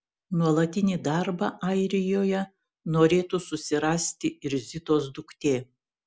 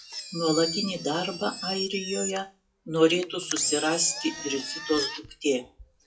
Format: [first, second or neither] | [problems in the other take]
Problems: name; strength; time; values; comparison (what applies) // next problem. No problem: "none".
first | noise reduction (classical method WPE with log-MMSE)